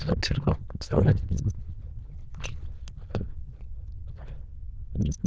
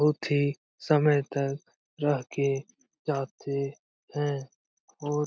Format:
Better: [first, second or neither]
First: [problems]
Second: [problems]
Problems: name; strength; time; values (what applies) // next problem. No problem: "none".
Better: second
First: noise reduction (neural diffusion model UNIVERSE++)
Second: none